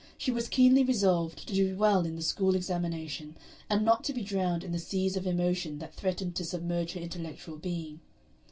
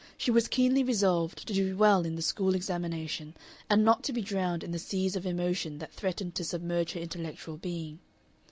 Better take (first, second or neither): second